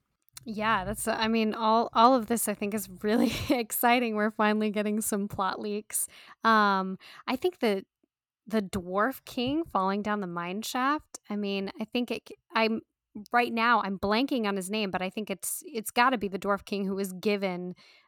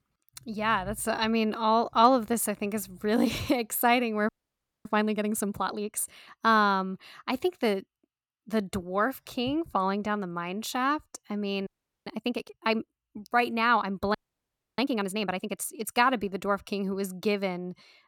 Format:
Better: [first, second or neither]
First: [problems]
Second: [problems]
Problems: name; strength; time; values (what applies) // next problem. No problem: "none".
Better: first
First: none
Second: audio freezing; at 4.5 s for 0.5 s, at 12 s and at 14 s for 0.5 s